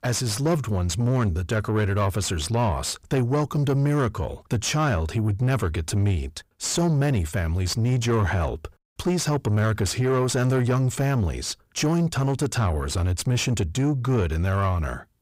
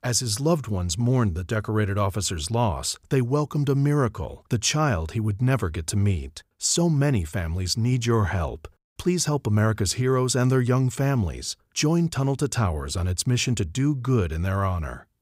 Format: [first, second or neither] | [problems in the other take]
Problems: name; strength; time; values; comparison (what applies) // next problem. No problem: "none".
second | distortion; slight; 9 dB below the speech